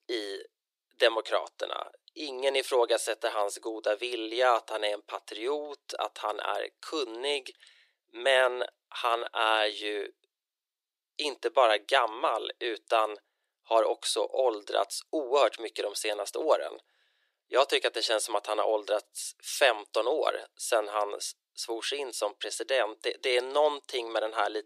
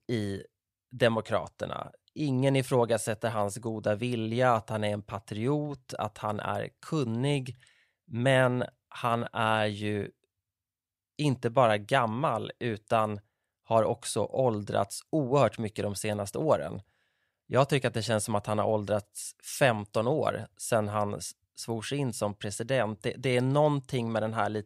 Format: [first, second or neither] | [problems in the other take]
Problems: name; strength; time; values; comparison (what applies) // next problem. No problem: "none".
second | thin; very; fading below 350 Hz